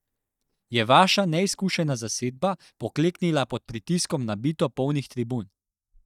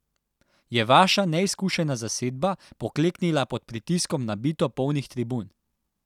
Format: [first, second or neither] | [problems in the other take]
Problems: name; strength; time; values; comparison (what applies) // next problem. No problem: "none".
second | noise reduction (neural mask model DeepFilterNet 3)